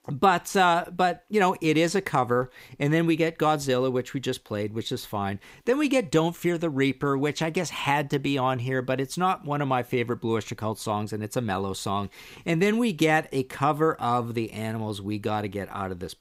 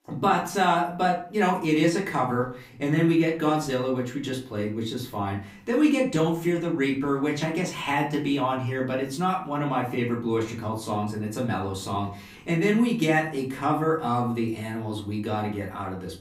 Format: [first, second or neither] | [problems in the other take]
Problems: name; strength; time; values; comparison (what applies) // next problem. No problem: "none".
first | off-mic speech; far // room echo; slight; dies away in 0.4 s